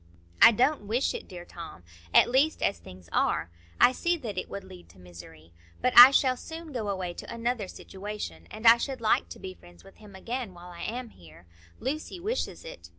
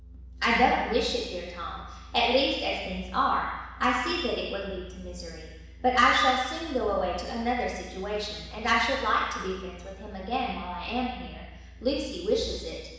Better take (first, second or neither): first